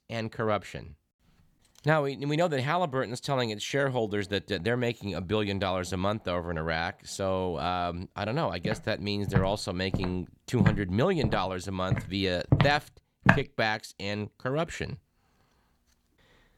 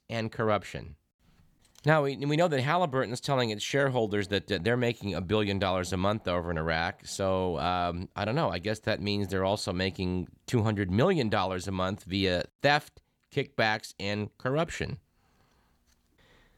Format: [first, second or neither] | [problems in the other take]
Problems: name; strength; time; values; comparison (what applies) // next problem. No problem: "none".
second | footsteps; loud; from 8.5 to 13 s; peak 5 dB above the speech